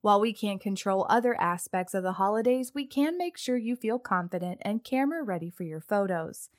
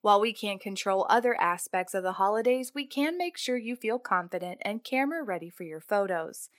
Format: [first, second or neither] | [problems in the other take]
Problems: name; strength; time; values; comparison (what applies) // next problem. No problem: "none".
first | thin; very slightly; fading below 300 Hz